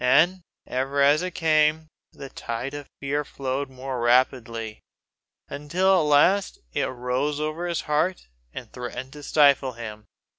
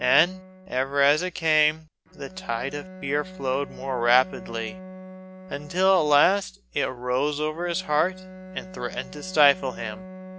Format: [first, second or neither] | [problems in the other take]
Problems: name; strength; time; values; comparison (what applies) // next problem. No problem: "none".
first | background sound (Bowed string instrument); 16 dB below the speech